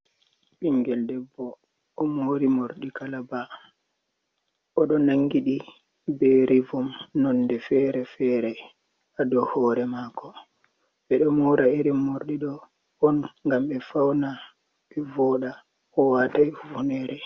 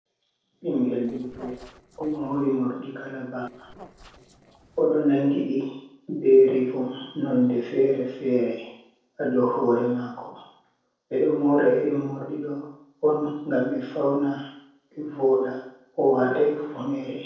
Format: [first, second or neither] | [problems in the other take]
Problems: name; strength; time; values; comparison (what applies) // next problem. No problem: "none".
first | noise reduction (neural separator model SepFormer DNS4)